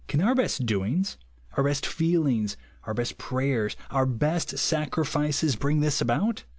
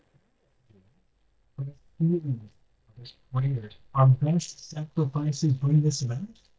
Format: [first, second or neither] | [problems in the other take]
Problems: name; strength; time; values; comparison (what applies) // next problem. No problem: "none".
first | noise reduction (neural mask model DeepFilterNet 3)